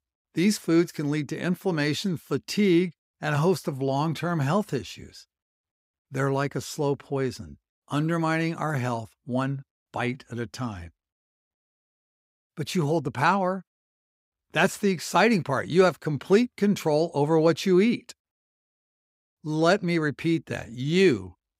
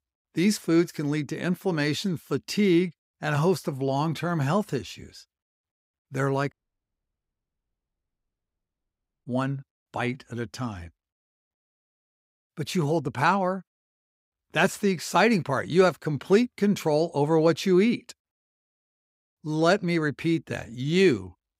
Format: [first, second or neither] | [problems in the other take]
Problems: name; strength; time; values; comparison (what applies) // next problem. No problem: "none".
first | audio cutting out; at 6.5 s for 2.5 s